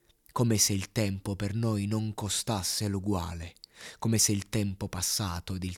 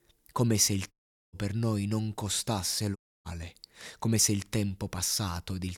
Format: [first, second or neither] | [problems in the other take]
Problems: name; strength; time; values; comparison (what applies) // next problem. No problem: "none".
first | audio cutting out; at 1 s and at 3 s